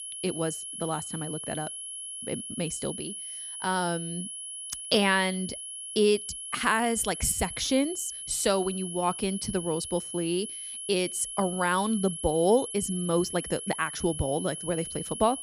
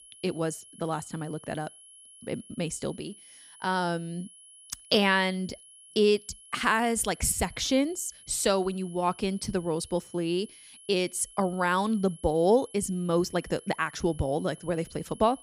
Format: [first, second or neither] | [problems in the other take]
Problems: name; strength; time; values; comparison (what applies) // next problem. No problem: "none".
second | high-pitched whine; loud; throughout; 10.5 kHz, 7 dB below the speech; faint in the second